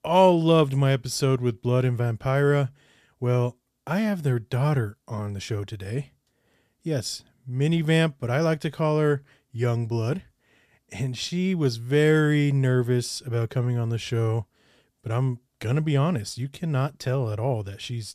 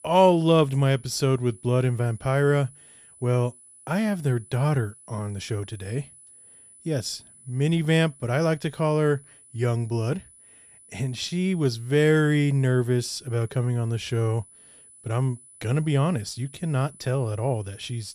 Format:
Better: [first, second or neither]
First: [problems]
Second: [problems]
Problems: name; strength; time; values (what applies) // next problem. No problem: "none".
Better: first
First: none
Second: high-pitched whine; faint; throughout; 10 kHz, 25 dB below the speech